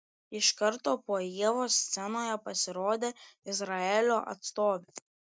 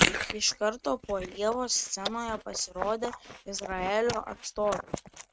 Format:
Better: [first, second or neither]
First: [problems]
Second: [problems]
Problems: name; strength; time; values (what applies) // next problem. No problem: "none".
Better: first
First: none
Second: noise reduction (neural mask model RNNoise)